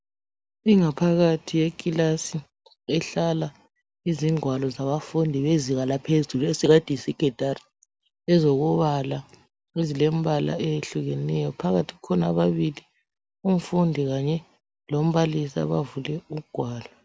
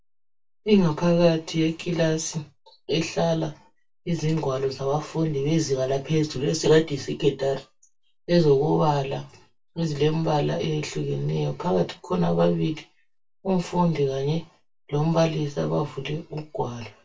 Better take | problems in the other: first | room echo; dies away in 0.2 s

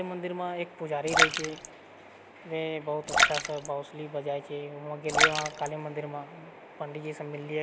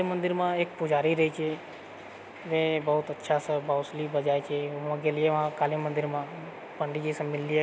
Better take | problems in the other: second | background sound (Splash, splatter); 3 dB above the speech

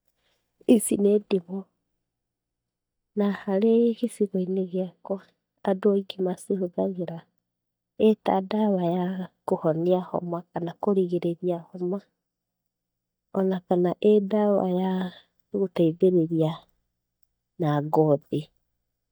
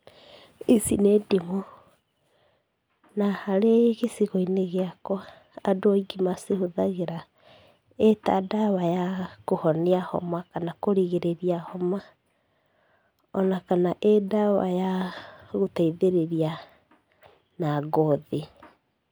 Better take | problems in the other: second | noise reduction (neural mask model DeepFilterNet 3)

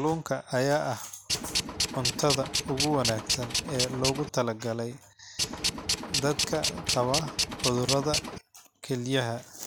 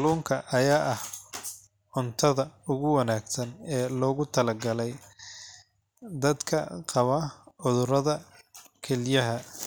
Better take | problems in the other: second | background sound (Tools); as loud as the speech

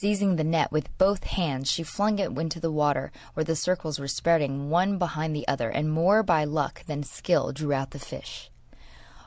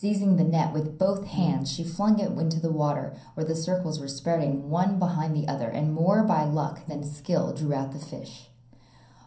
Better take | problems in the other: first | background sound (Brass instrument); 11 dB below the speech // room echo; dies away in 0.6 s

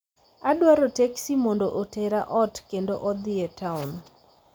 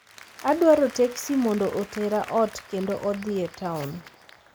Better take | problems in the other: first | background sound (Applause); 19 dB below the speech

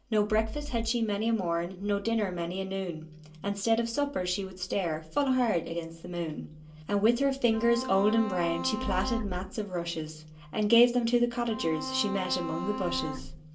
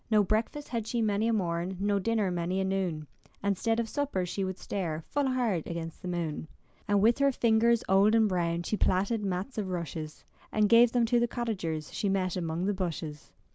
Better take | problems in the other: second | background sound (Bowed string instrument); 8 dB below the speech // room echo; dies away in 0.2 s

